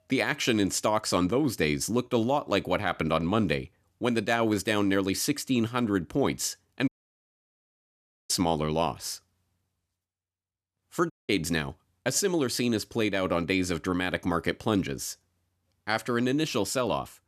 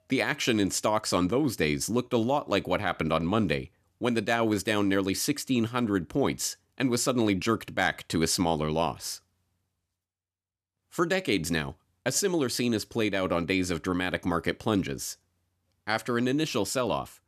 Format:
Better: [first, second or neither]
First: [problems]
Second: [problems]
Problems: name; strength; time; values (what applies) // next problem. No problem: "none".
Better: second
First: audio cutting out; at 7 s for 1.5 s and at 11 s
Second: none